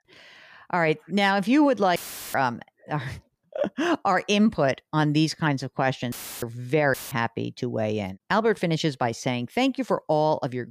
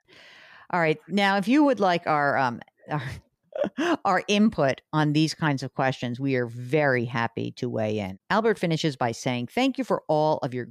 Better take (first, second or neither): second